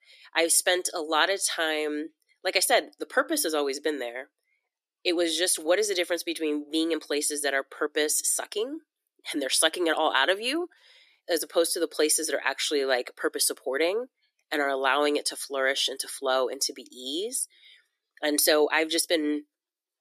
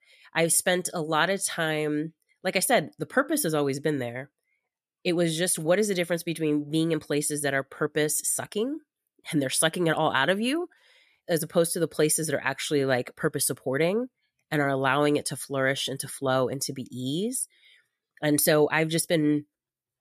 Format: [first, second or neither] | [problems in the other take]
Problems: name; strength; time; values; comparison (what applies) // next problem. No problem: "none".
second | thin; somewhat; fading below 300 Hz